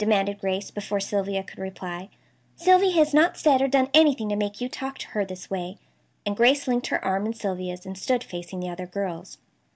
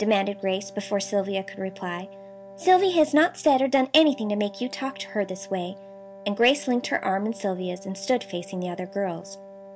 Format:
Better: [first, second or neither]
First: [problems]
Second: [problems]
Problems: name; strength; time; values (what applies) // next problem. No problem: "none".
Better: first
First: none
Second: background sound (Wind instrument, woodwind instrument); 19 dB below the speech